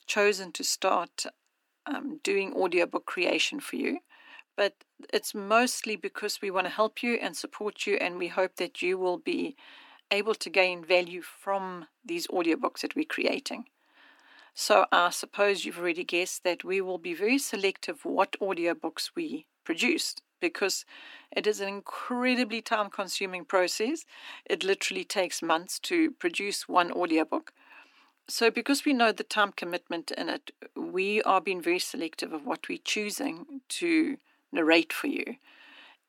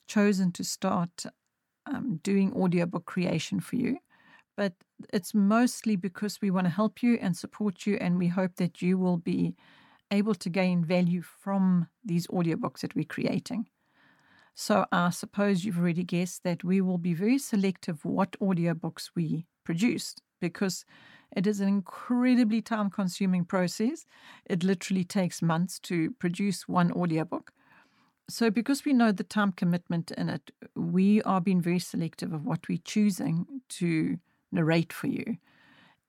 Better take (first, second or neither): second